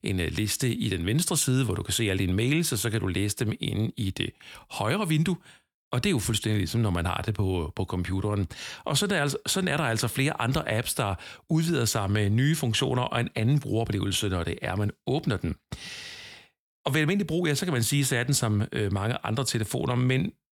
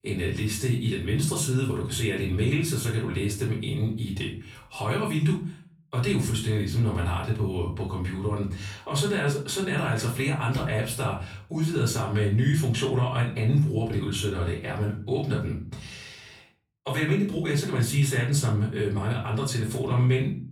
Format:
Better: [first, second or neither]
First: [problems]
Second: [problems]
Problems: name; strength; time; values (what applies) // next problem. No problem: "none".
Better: first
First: none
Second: off-mic speech; far // room echo; slight; dies away in 0.4 s